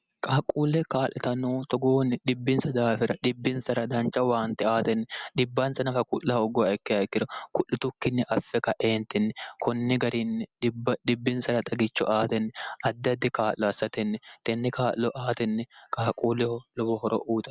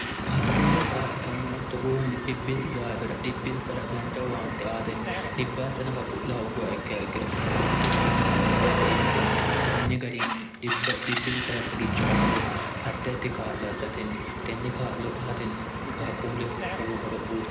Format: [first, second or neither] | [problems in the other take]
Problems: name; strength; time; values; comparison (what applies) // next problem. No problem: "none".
first | background sound (Engine); 4 dB above the speech // room echo; dies away in 0.7 s